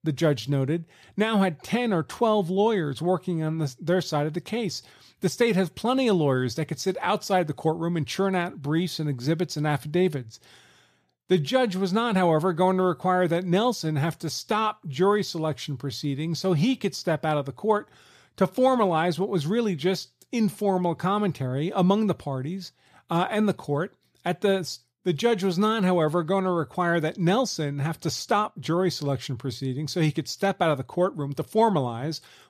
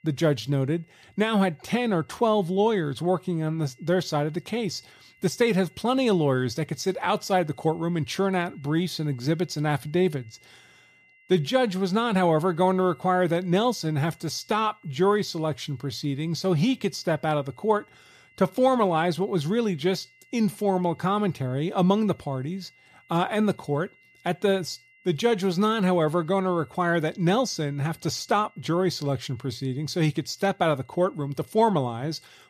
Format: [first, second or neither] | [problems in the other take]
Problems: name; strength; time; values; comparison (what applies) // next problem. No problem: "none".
first | high-pitched whine; faint; throughout; 2 kHz, 30 dB below the speech